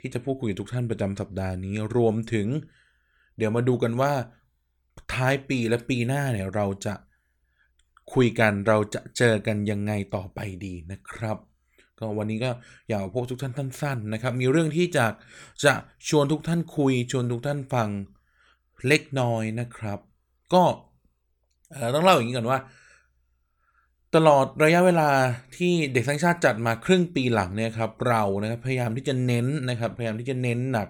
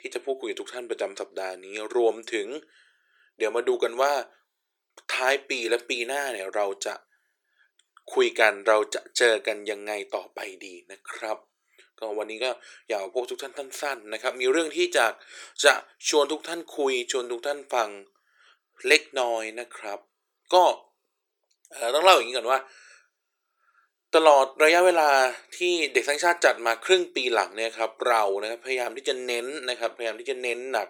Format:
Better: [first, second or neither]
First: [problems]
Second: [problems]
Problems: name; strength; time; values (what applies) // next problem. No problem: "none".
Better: first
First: none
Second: thin; very; fading below 350 Hz